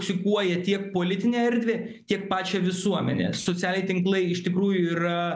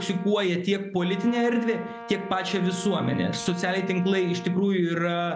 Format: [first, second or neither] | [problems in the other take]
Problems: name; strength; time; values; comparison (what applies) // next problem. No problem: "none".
first | background sound (Brass instrument); 15 dB below the speech